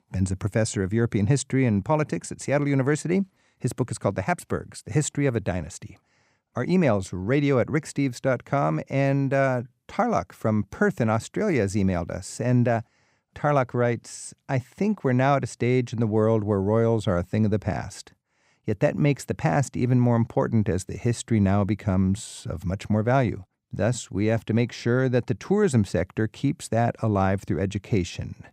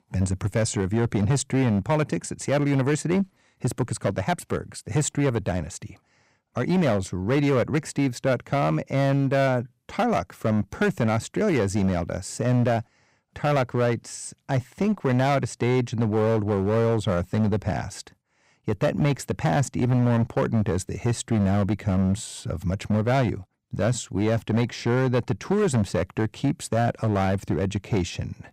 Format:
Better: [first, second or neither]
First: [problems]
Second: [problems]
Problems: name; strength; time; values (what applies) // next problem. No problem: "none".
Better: first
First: none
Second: distortion; slight; 9% of the sound clipped